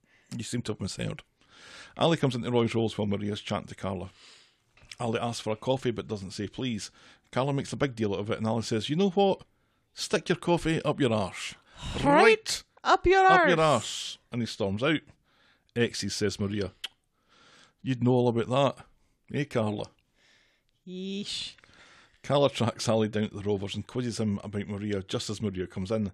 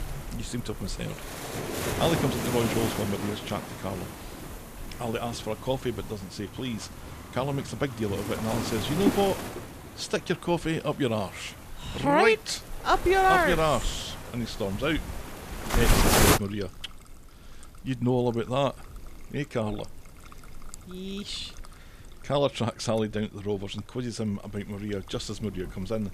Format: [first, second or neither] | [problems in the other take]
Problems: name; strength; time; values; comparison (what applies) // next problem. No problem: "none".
first | rain or running water; loud; throughout; 2 dB below the speech